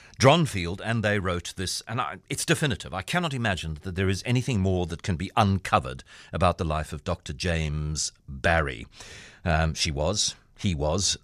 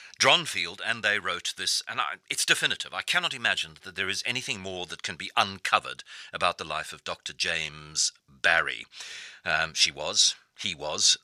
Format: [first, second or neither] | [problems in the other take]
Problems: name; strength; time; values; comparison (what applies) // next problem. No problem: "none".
first | thin; very; fading below 1 kHz